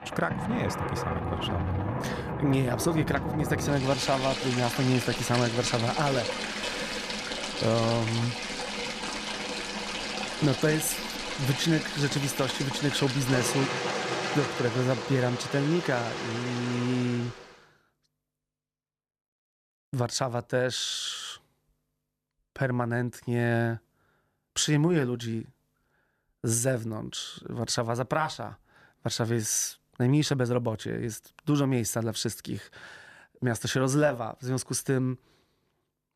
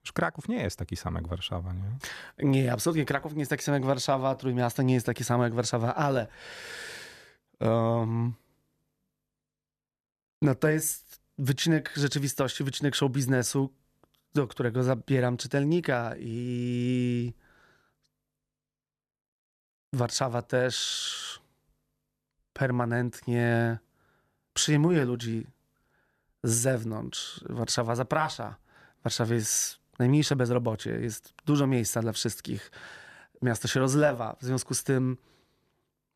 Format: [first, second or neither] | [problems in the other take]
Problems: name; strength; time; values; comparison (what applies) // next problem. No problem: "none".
second | rain or running water; loud; until 17 s; 3 dB below the speech